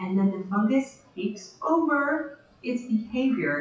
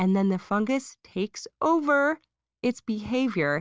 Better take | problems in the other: second | noise reduction (classical method WPE with log-MMSE)

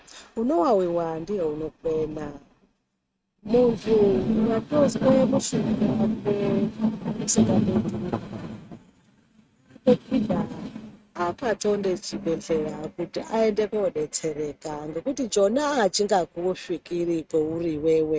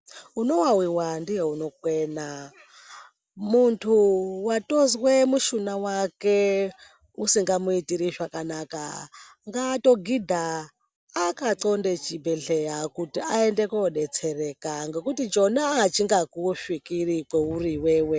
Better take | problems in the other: second | noise reduction (neural mask model RNNoise)

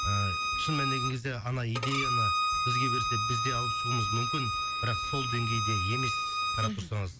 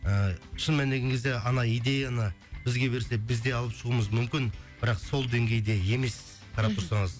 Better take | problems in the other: second | background sound (Bowed string instrument); 2 dB above the speech

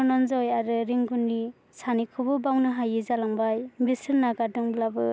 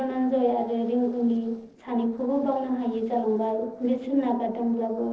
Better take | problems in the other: first | noise reduction (neural separator model SepFormer DNS4)

